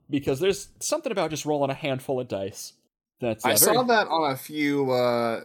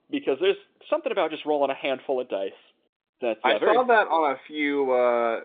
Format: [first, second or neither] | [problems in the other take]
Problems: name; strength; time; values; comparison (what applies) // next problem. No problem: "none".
first | phone-call audio; nothing above 3.5 kHz